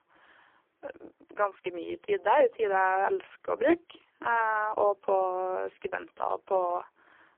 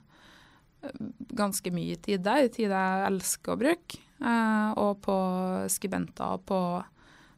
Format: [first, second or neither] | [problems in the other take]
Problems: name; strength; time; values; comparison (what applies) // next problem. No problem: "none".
second | phone-call audio; poor line; nothing above 3 kHz